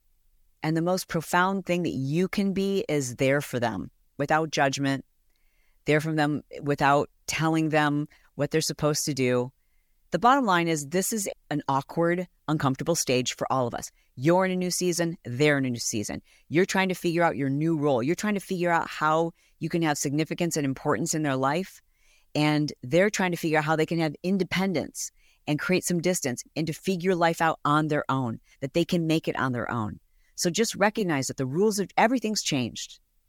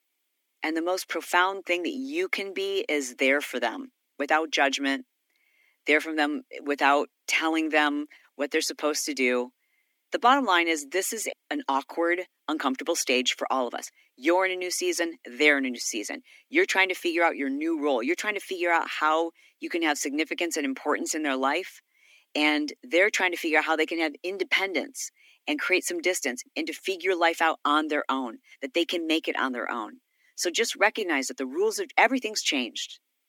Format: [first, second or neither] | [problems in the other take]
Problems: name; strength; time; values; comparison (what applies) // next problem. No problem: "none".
first | thin; very slightly; fading below 250 Hz